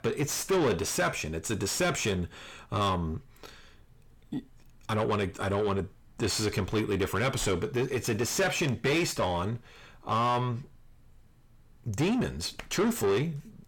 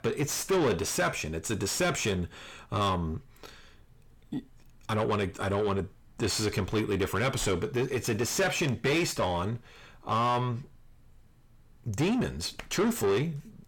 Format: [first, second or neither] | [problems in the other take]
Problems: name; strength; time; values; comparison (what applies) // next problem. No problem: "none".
neither | distortion; heavy; 6 dB below the speech; the same in both